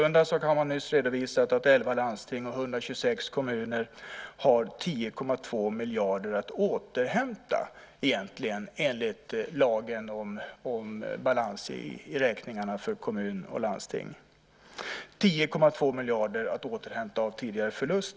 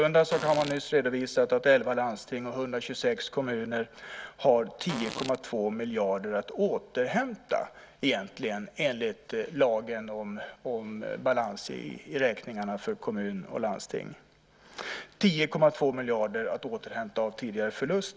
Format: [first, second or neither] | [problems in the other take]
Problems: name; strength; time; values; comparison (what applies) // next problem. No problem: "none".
first | background sound (Fart); 11 dB below the speech